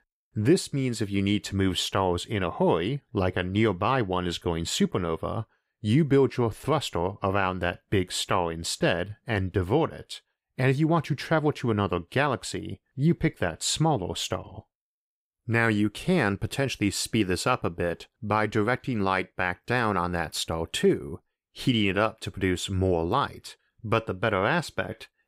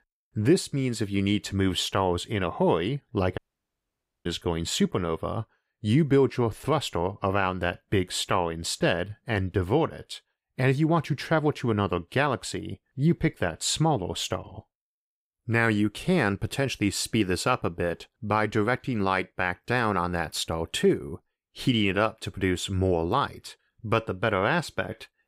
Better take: first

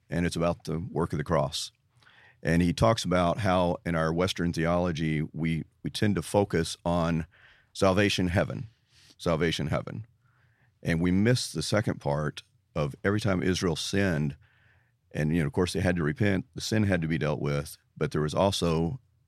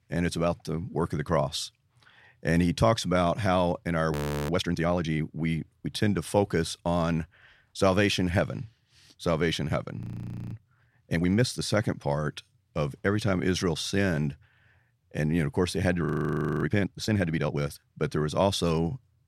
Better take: first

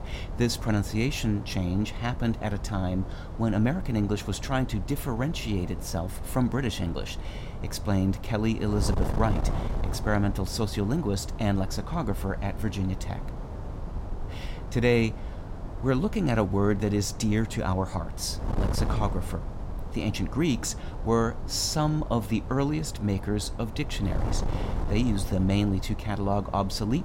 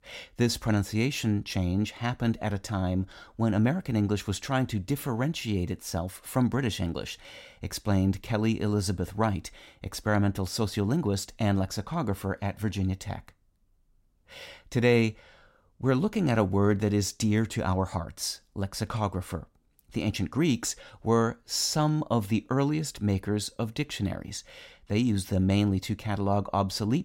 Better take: second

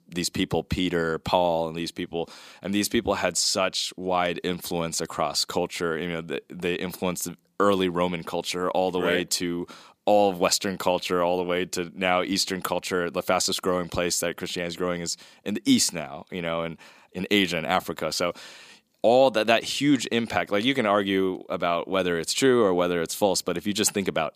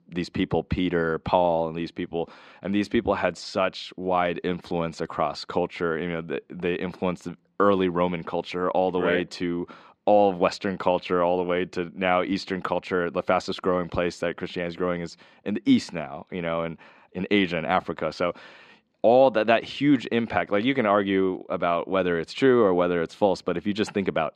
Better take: first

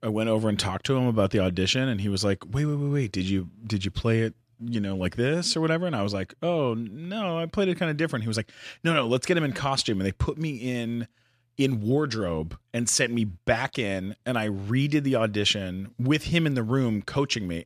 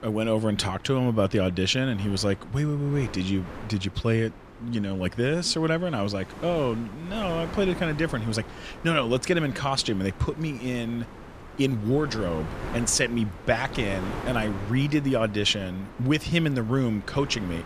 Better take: first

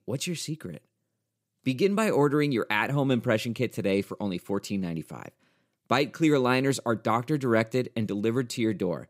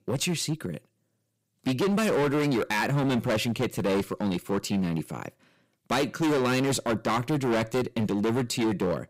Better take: first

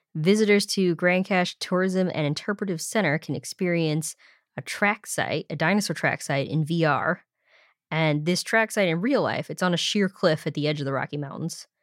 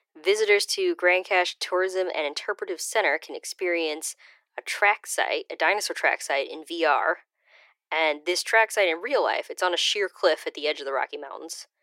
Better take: first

